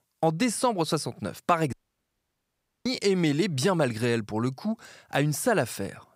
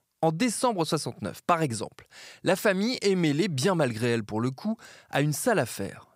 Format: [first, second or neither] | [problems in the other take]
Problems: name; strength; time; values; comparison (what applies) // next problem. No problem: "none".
second | audio cutting out; at 1.5 s for 1 s